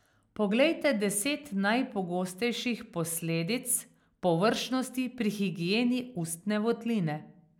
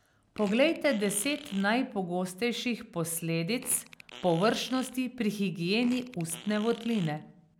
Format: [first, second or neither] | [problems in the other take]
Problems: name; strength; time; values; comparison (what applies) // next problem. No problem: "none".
first | background sound (Fart); 19 dB below the speech